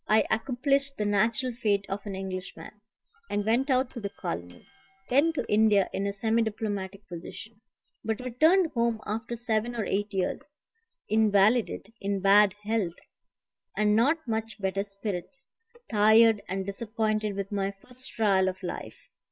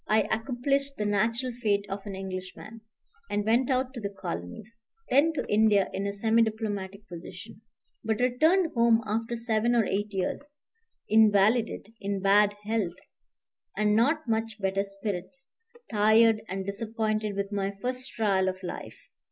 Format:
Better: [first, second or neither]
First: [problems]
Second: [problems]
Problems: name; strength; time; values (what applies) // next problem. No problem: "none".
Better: second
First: noise reduction (neural separator model SepFormer WHAM!)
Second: none